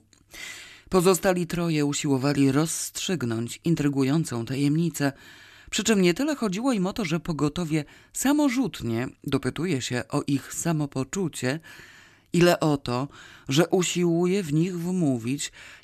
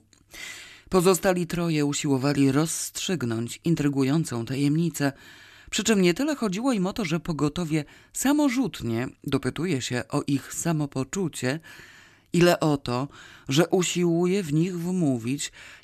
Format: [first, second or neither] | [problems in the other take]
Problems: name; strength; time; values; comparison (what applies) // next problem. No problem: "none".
neither | none